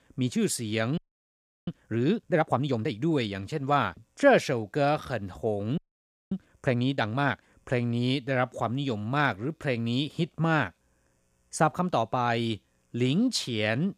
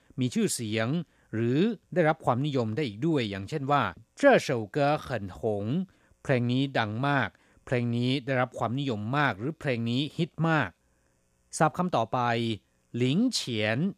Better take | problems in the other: second | audio freezing; at 1 s for 0.5 s and at 6 s for 0.5 s

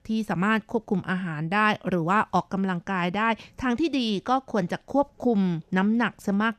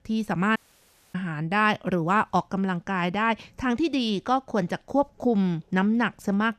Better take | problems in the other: first | audio cutting out; at 0.5 s for 0.5 s

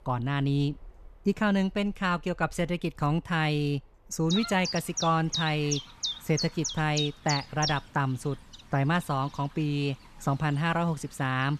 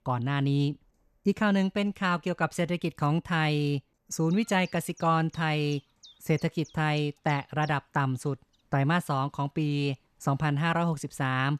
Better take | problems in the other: second | animal sounds; loud; throughout; 4 dB below the speech; faint in the second

